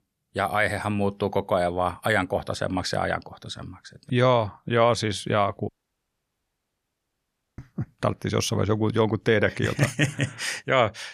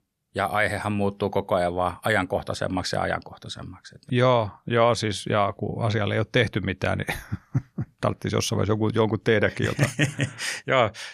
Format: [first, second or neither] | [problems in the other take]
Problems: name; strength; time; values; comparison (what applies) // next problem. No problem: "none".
second | audio cutting out; at 5.5 s for 2 s